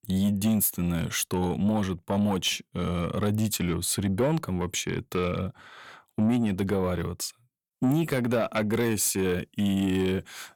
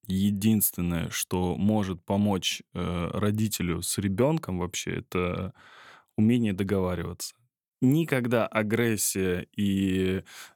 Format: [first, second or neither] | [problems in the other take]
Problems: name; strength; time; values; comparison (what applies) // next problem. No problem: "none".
second | distortion; slight; 10 dB below the speech